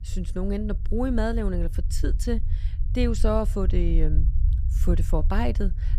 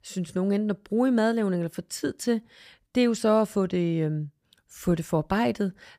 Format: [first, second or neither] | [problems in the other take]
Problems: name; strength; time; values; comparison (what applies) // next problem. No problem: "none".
second | low rumble; noticeable; throughout; 15 dB below the speech